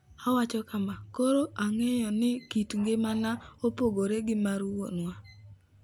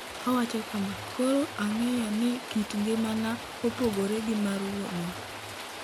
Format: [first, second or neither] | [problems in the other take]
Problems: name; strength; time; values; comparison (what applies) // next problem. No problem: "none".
first | background sound (Rain); 10 dB below the speech